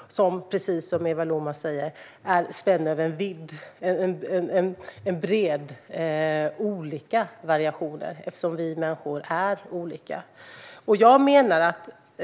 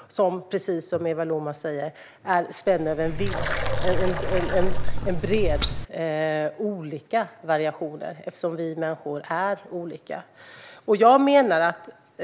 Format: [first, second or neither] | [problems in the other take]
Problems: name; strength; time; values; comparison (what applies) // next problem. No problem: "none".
first | background sound (Water); 3 dB above the speech